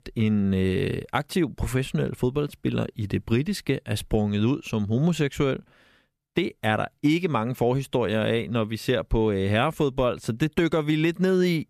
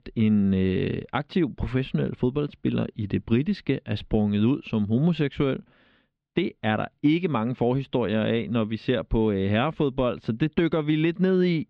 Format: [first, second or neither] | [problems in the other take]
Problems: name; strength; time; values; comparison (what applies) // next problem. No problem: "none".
first | muffled; slightly; fading above 3.5 kHz